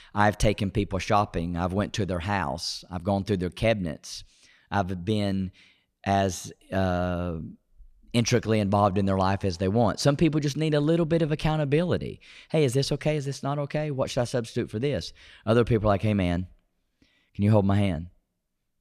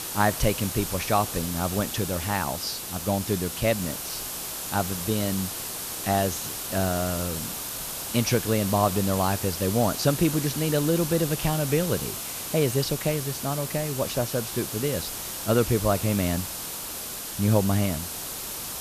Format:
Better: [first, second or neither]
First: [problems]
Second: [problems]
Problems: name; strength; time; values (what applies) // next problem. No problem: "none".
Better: first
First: none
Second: hiss; loud; throughout; 5 dB below the speech